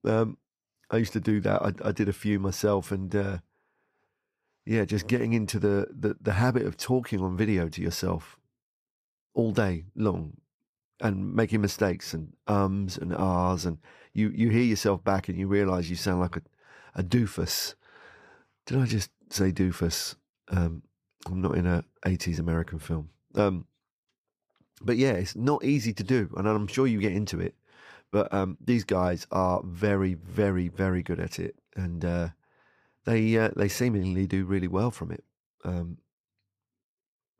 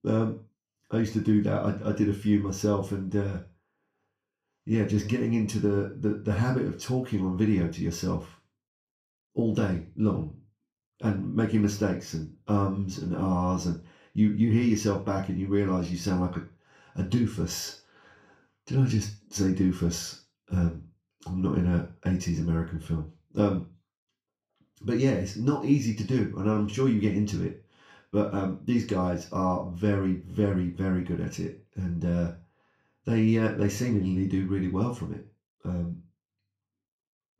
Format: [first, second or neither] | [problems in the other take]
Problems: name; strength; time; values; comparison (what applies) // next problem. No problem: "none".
first | room echo; slight; dies away in 0.3 s // off-mic speech; far